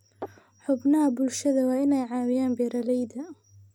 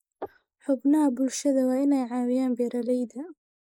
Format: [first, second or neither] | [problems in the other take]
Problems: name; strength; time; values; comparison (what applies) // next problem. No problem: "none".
first | noise reduction (neural mask model Resemble Enhance denoiser)